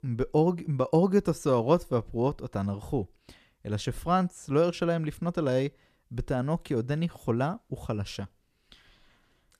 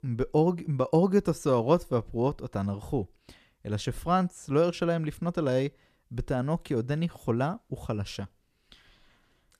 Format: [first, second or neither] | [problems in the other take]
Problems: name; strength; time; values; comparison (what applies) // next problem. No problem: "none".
neither | none